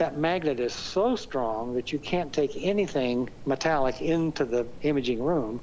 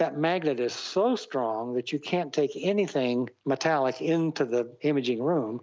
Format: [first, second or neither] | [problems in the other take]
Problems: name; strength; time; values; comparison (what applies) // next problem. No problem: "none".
second | background sound (Rain); 12 dB below the speech